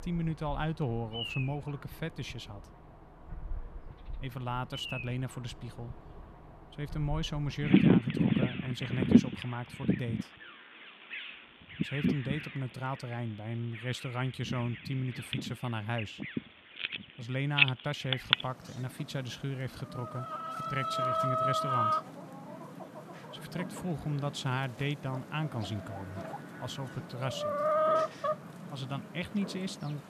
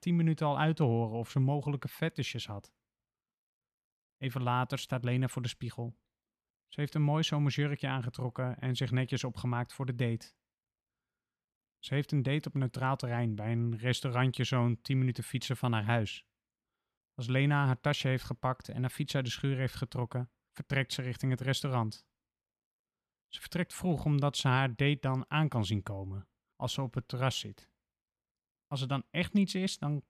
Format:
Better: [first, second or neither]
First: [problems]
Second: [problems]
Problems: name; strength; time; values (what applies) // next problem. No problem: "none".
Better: second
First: animal sounds; very loud; throughout; 5 dB above the speech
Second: none